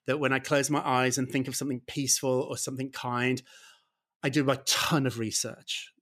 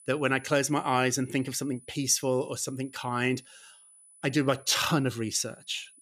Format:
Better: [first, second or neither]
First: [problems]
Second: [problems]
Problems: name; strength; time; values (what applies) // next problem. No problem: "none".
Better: first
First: none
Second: high-pitched whine; faint; throughout; 10 kHz, 25 dB below the speech